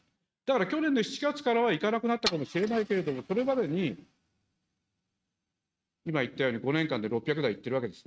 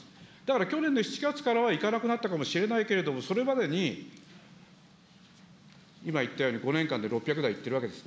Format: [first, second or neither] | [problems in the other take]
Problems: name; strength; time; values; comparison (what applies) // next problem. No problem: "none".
second | noise reduction (neural mask model RNNoise)